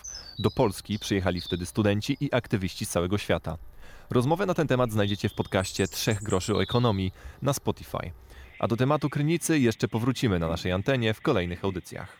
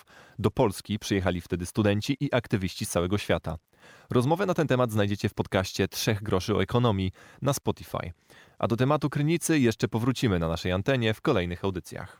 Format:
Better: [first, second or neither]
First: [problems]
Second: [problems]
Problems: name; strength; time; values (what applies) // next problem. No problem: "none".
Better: second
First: animal sounds; noticeable; throughout; 15 dB below the speech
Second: none